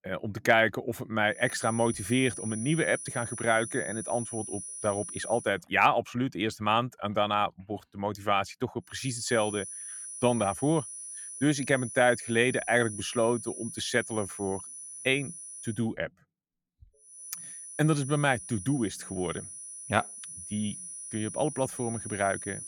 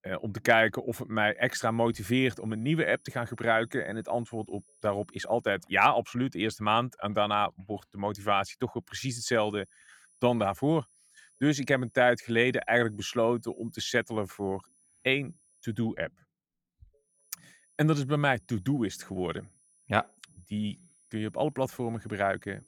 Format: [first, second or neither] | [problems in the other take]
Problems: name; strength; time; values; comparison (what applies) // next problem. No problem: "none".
second | high-pitched whine; loud; from 1.5 to 5.5 s, from 9 to 16 s and from 17 s on; 10 kHz, 10 dB below the speech; faint in the second